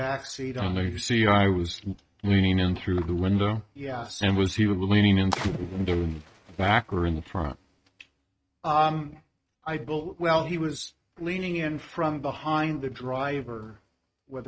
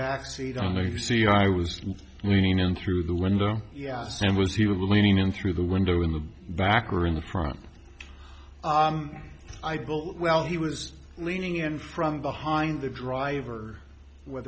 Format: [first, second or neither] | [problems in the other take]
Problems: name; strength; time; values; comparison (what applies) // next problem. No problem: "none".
second | noise reduction (neural mask model RNNoise)